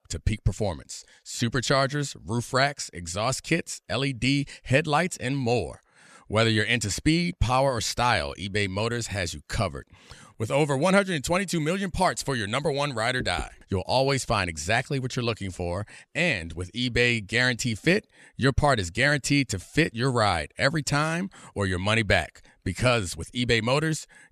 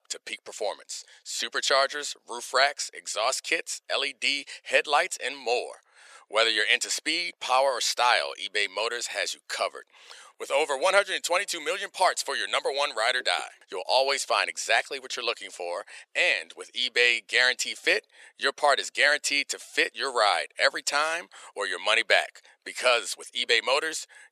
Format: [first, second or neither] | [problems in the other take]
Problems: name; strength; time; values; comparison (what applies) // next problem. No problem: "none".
first | thin; very; fading below 500 Hz